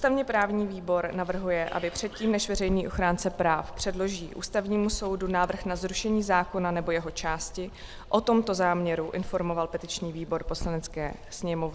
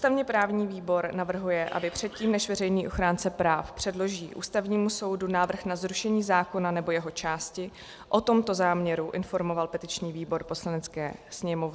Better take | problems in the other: second | background sound (Water); 13 dB below the speech

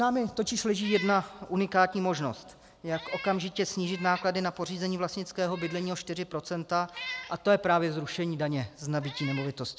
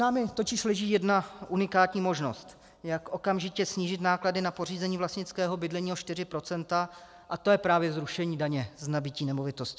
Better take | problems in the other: second | background sound (Meow); 16 dB below the speech

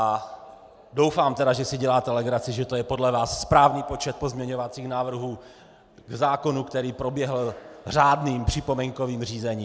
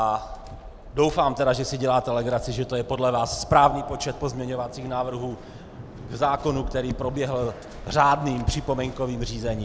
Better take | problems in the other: first | background sound (Waves, surf); 14 dB below the speech

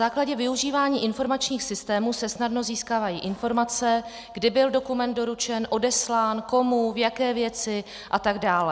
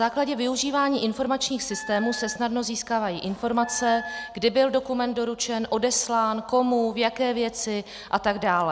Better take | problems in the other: first | background sound (Wind instrument, woodwind instrument); 13 dB below the speech

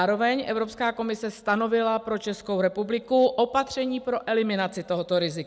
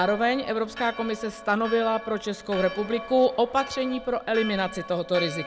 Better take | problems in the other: first | background sound (Church bell); 13 dB below the speech

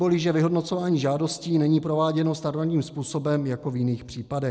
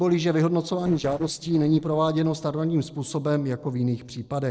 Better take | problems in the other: first | noise reduction (neural separator model SepFormer DNS4)

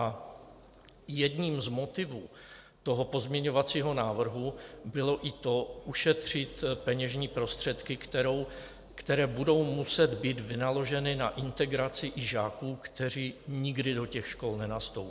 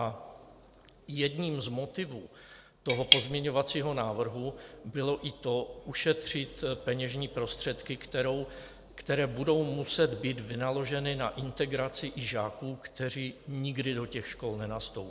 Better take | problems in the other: first | background sound (Cutlery, silverware / Tap); 4 dB above the speech

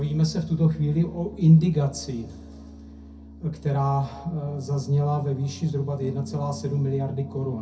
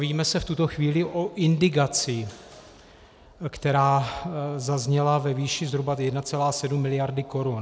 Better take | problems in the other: second | background sound (Piano); 15 dB below the speech // room echo; dies away in 0.3 s

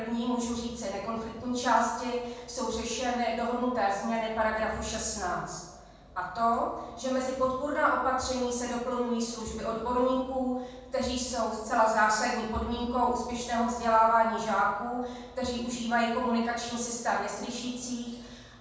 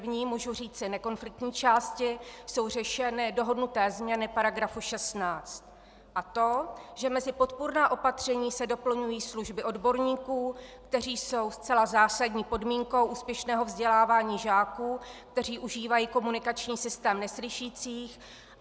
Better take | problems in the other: second | room echo; dies away in 1.1 s

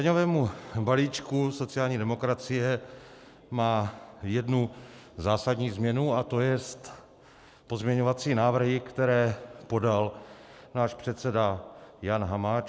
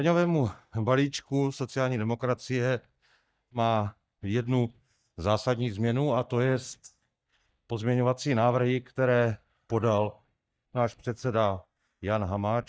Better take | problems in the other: first | noise reduction (neural mask model DeepFilterNet 3)

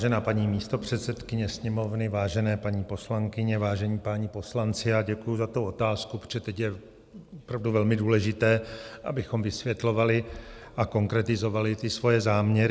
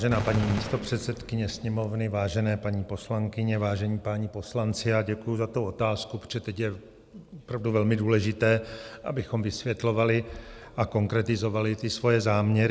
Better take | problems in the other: first | background sound (Gunshot, gunfire); 8 dB below the speech

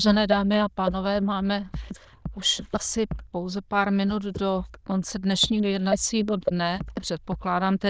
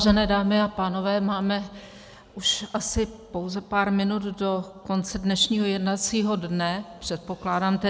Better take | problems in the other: second | noise reduction (neural diffusion model UNIVERSE++)

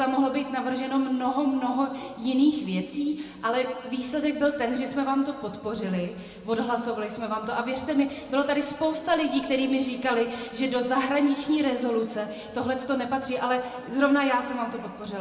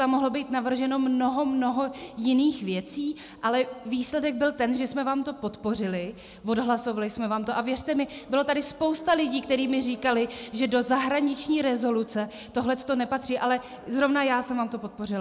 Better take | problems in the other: second | room echo; dies away in 1.9 s

